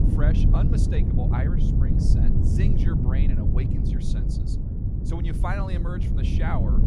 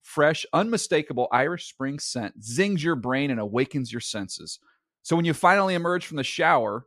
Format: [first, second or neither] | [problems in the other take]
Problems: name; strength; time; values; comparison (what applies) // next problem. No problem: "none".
second | wind noise on the microphone; heavy; 1 dB above the speech